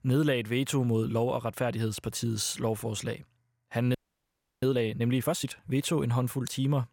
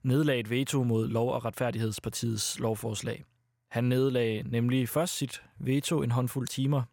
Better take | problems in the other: second | audio freezing; at 4 s for 0.5 s

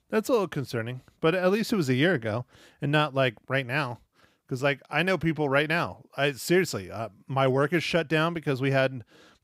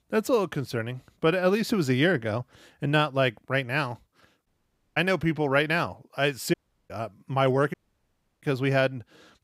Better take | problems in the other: first | audio cutting out; at 4.5 s for 0.5 s, at 6.5 s and at 7.5 s for 0.5 s

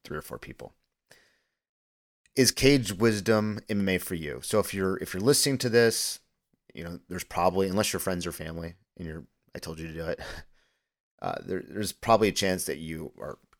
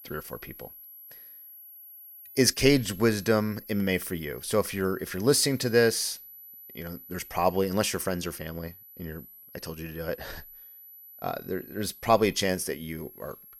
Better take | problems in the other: first | high-pitched whine; noticeable; throughout; 11.5 kHz, 20 dB below the speech

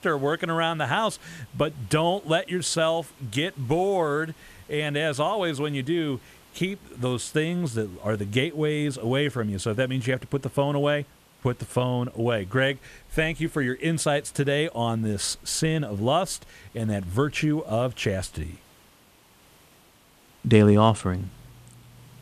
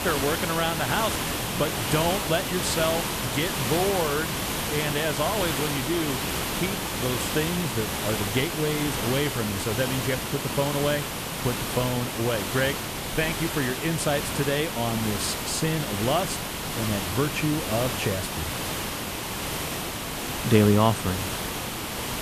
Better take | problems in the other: first | hiss; loud; throughout; 1 dB below the speech; faint in the first

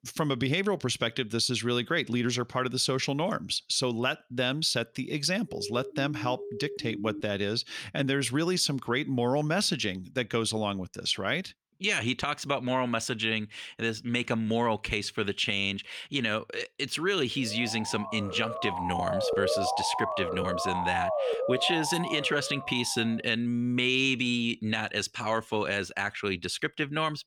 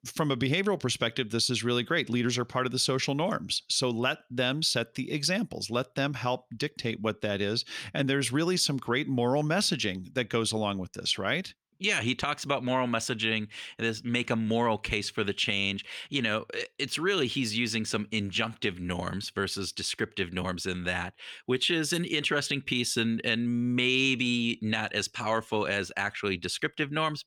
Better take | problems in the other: second | siren; noticeable; from 5.5 to 7 s; peak 10 dB below the speech // siren; loud; from 18 to 23 s; peak 1 dB above the speech

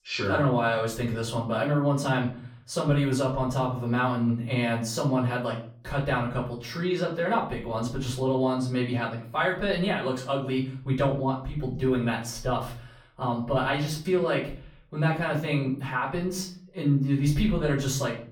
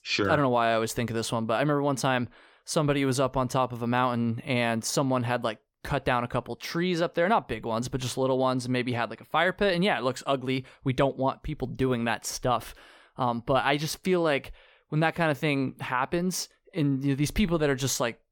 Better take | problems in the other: second | off-mic speech; far // room echo; slight; dies away in 0.5 s

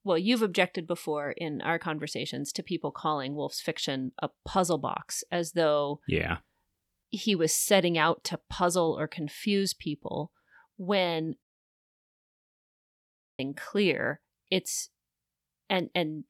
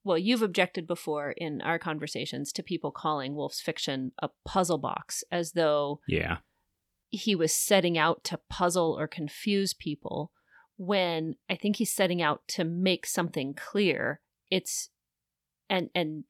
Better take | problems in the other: second | audio cutting out; at 11 s for 2 s

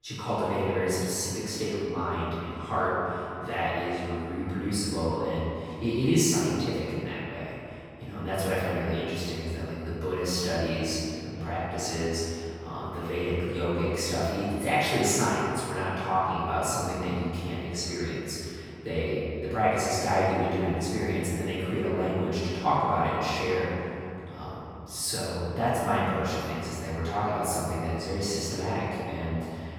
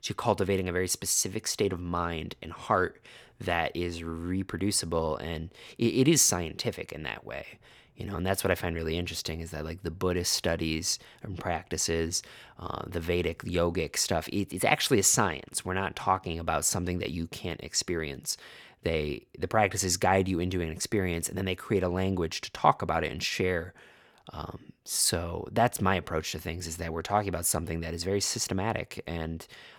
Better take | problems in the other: second | off-mic speech; far // room echo; strong; dies away in 3 s

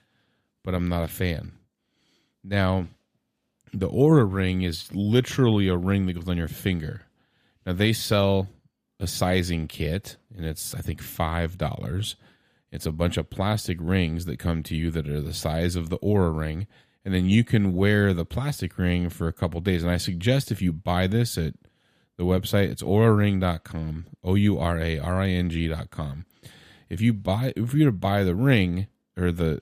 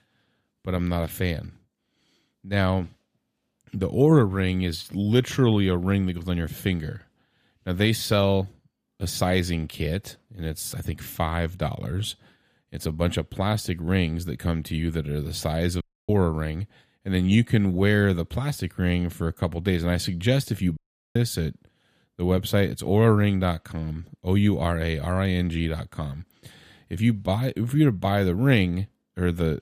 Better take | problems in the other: first | audio cutting out; at 16 s and at 21 s

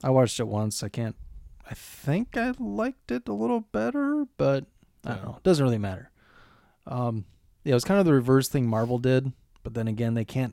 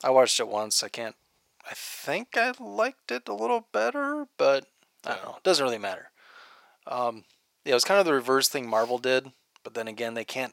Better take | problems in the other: first | thin; very; fading below 650 Hz

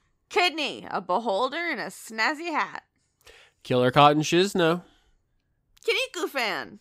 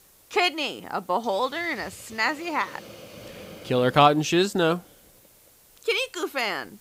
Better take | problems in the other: first | hiss; faint; throughout; 20 dB below the speech

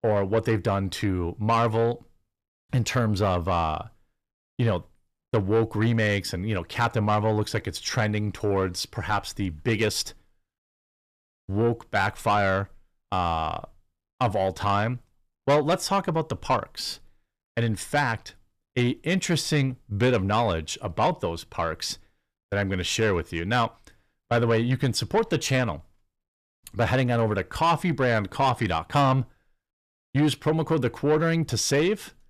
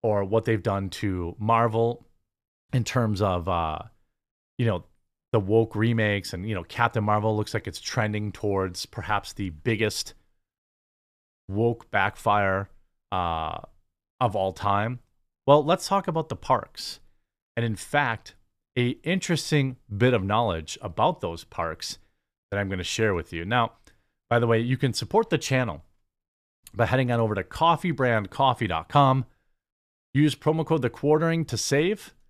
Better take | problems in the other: second | distortion; slight; 10 dB below the speech

